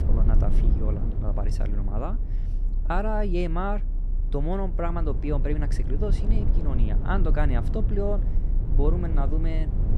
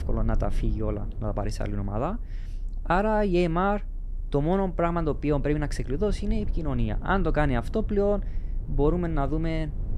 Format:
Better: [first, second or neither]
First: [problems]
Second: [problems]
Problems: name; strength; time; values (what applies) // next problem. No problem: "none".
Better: second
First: low rumble; loud; throughout; 10 dB below the speech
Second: low rumble; faint; throughout; 25 dB below the speech